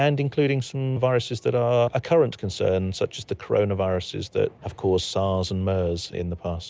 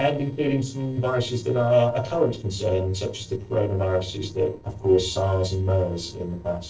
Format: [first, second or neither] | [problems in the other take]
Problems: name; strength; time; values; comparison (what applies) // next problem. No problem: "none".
first | noise reduction (neural separator model SepFormer DNS4)